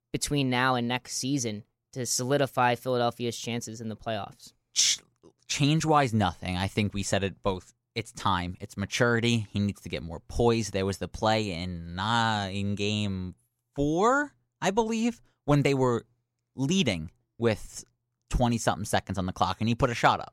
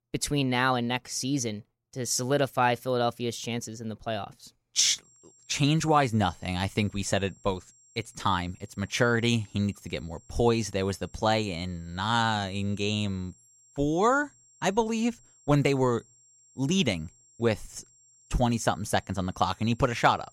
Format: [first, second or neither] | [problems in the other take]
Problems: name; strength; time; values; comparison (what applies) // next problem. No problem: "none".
first | high-pitched whine; faint; from 5 s on; 7.5 kHz, 30 dB below the speech